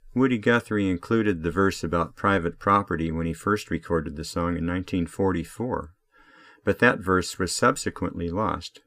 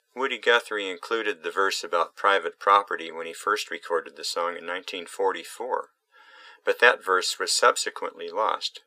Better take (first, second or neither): first